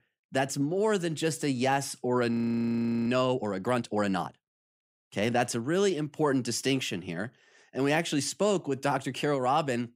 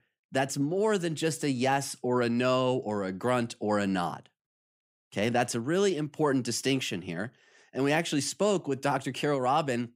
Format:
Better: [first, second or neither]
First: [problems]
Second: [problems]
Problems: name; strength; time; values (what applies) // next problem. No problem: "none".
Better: second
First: audio freezing; at 2.5 s for 0.5 s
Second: none